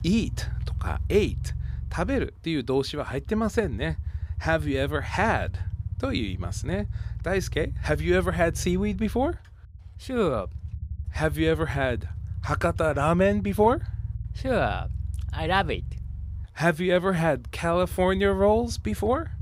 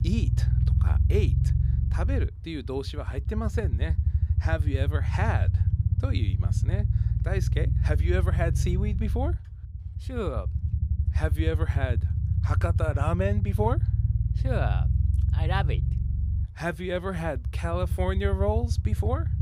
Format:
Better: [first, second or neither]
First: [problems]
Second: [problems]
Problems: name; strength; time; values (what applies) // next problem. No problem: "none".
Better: first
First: low rumble; faint; throughout; 25 dB below the speech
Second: low rumble; loud; throughout; 8 dB below the speech